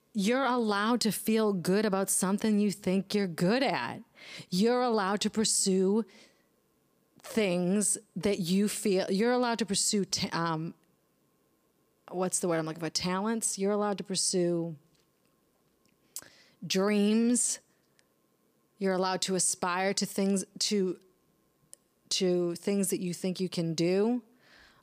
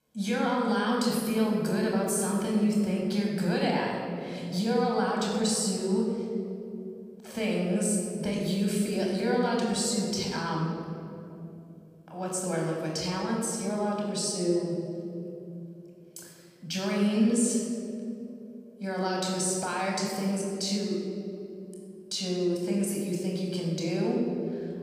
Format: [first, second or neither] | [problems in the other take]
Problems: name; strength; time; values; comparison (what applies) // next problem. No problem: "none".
first | off-mic speech; somewhat distant // room echo; noticeable; dies away in 2.8 s